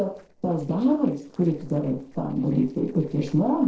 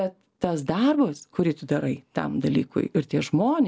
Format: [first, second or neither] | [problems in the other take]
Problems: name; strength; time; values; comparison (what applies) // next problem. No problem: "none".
second | noise reduction (neural separator model SepFormer DNS4)